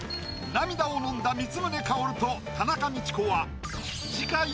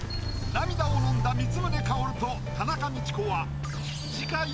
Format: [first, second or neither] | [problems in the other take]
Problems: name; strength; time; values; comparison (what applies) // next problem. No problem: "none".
first | background sound (Walk, footsteps); 2 dB above the speech